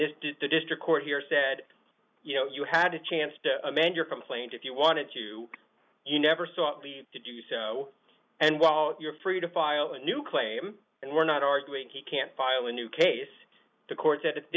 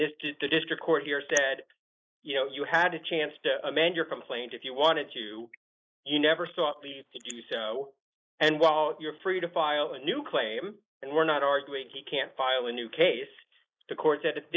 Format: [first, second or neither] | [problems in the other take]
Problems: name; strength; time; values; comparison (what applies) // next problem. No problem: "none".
first | noise reduction (neural mask model Resemble Enhance denoiser)